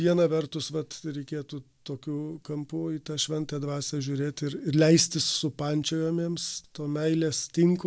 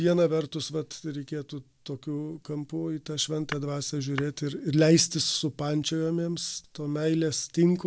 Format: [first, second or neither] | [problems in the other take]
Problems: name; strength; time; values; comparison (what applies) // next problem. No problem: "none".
first | background sound (Tap / Glass); 15 dB below the speech